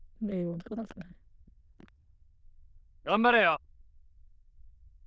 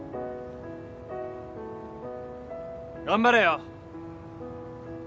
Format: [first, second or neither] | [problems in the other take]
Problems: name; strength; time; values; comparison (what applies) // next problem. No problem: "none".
second | noise reduction (neural diffusion model UNIVERSE++)